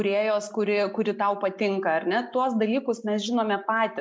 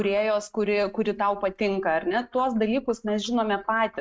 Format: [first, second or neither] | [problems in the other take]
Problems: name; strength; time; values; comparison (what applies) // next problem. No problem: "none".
first | noise reduction (neural mask model RNNoise)